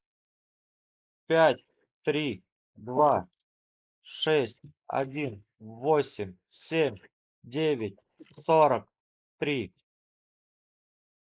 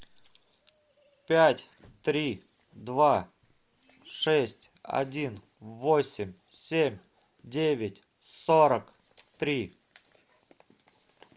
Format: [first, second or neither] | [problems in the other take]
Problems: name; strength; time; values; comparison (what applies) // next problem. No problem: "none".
second | noise reduction (neural mask model Resemble Enhance denoiser)